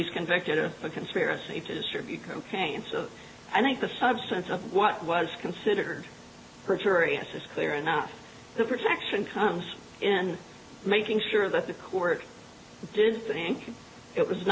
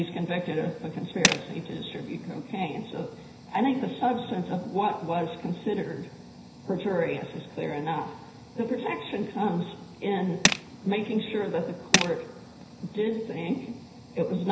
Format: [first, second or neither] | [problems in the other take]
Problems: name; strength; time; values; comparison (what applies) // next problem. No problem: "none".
first | background sound (Tools); 1 dB above the speech // room echo; dies away in 0.9 s